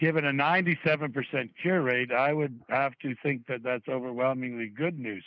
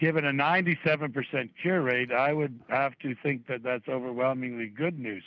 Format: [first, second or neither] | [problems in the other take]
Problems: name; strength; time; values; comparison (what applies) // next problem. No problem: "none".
second | noise reduction (neural mask model Resemble Enhance denoiser)